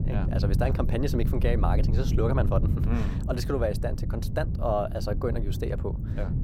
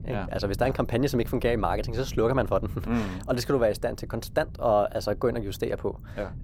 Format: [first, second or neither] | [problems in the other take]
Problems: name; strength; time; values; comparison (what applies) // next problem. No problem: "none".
second | wind noise on the microphone; heavy; 9 dB below the speech; occasional gusts in the second